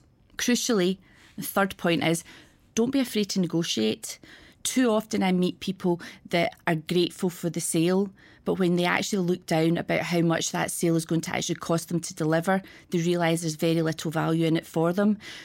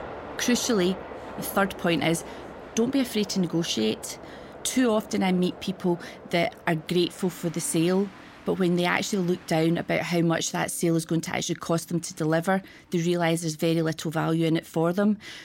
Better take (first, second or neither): first